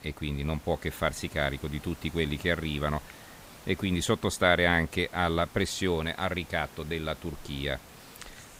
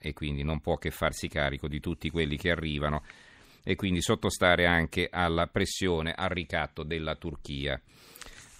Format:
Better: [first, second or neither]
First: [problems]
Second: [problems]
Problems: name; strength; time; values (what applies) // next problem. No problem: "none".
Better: second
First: hiss; noticeable; throughout; 20 dB below the speech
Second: none